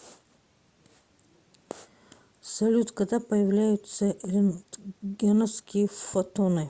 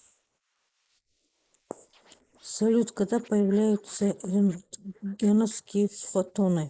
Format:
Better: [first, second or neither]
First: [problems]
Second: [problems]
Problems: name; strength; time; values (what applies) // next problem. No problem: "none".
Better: first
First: none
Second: noise reduction (neural mask model Resemble Enhance denoiser)